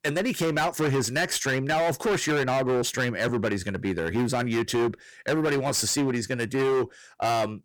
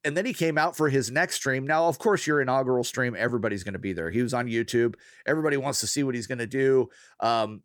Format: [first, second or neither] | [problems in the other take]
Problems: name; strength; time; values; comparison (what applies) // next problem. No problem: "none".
second | distortion; heavy; 21% of the sound clipped